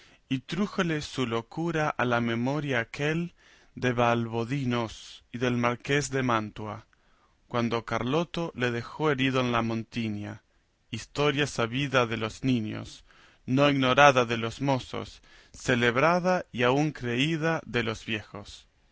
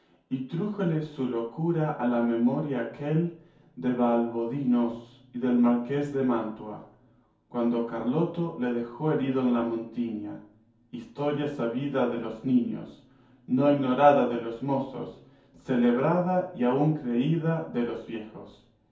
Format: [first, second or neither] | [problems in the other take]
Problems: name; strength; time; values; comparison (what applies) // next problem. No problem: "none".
first | room echo; dies away in 0.6 s